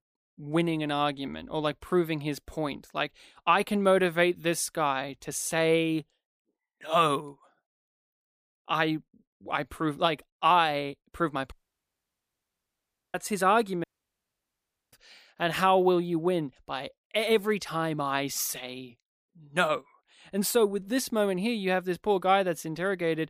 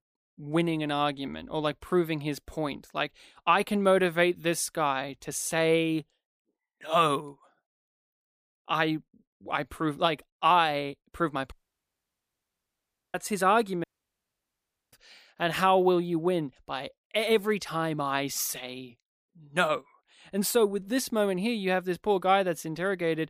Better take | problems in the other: neither | audio cutting out; at 12 s for 1.5 s and at 14 s for 1 s; the same in both

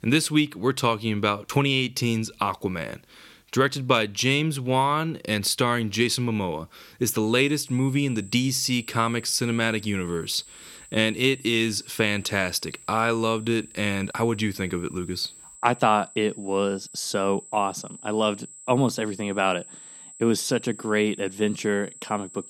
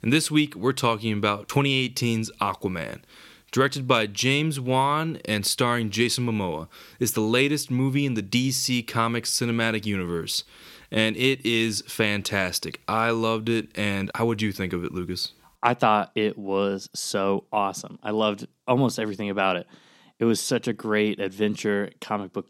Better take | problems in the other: second | high-pitched whine; noticeable; from 7.5 s on; 7.5 kHz, 20 dB below the speech

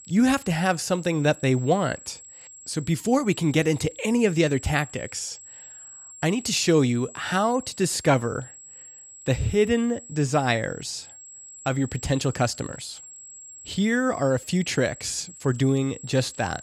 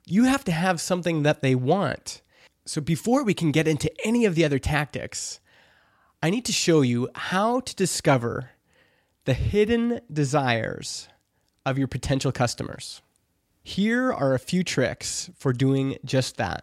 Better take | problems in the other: second | high-pitched whine; noticeable; throughout; 7.5 kHz, 15 dB below the speech

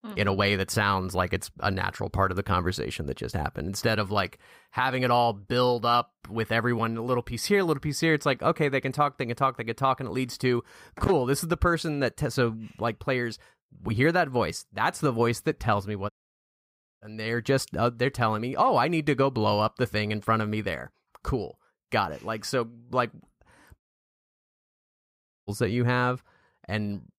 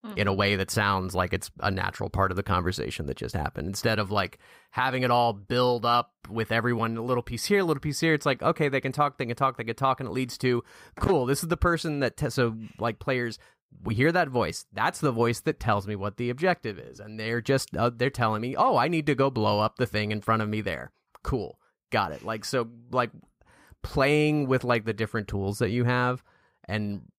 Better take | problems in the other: second | audio cutting out; at 16 s for 1 s and at 24 s for 1.5 s

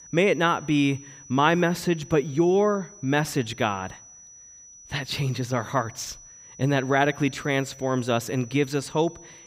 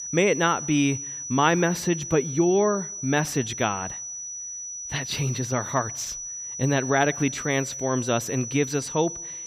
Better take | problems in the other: first | high-pitched whine; loud; throughout; 6 kHz, 7 dB below the speech; faint in the first

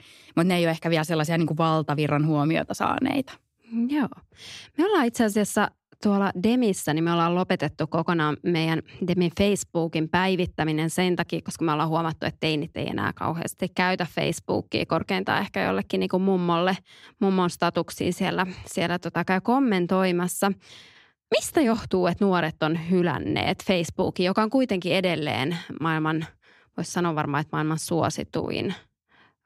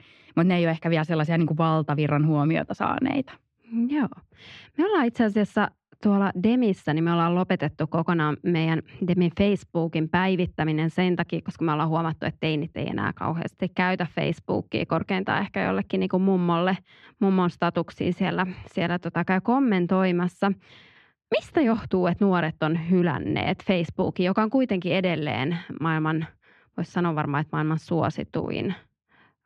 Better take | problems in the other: first | muffled; slightly; fading above 2.5 kHz

